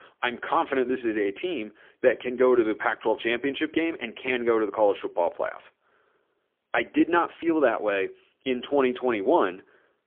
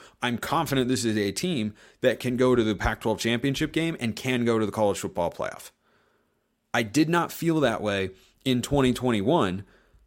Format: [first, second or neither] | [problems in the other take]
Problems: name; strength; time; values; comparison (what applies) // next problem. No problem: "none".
second | phone-call audio; poor line; nothing above 3.5 kHz